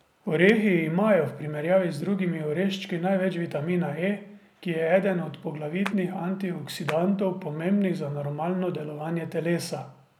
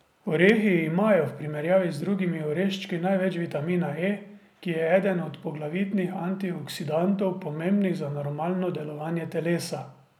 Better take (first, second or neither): second